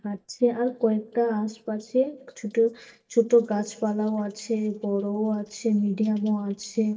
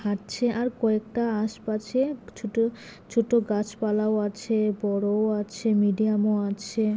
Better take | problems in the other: second | noise reduction (neural mask model DeepFilterNet 3)

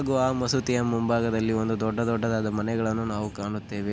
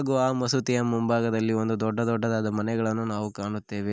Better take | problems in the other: second | background sound (Train); 15 dB below the speech

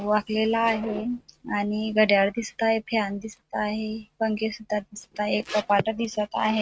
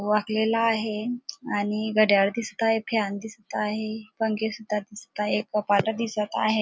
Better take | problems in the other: second | noise reduction (neural mask model RNNoise)

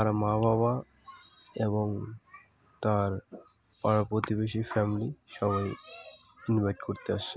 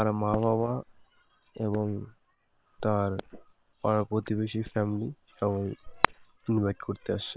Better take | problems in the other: first | noise reduction (neural separator model SepFormer WHAM!)

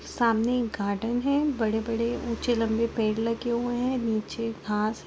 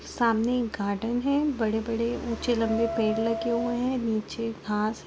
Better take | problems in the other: first | background sound (Wind instrument, woodwind instrument); 9 dB below the speech

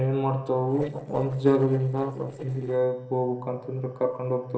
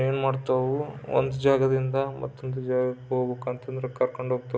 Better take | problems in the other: second | noise reduction (neural separator model SepFormer DNS4)

